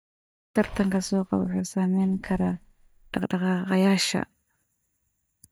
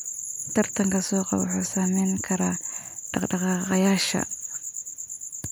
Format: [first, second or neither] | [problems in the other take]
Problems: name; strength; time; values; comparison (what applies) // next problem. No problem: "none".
second | noise reduction (neural mask model DeepFilterNet 3)